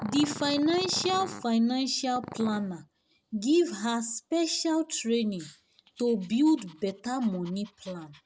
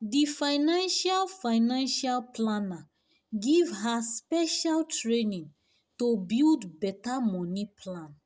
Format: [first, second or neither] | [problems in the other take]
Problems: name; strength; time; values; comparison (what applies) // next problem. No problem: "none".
second | background sound (Growling); 17 dB below the speech